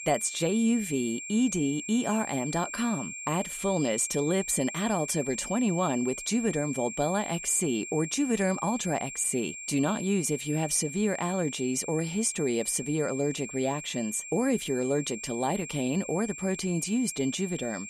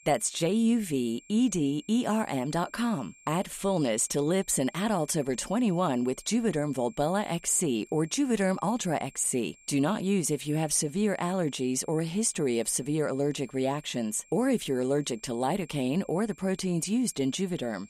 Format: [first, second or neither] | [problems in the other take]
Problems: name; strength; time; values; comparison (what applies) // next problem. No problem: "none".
second | high-pitched whine; loud; throughout; 2.5 kHz, 9 dB below the speech; faint in the second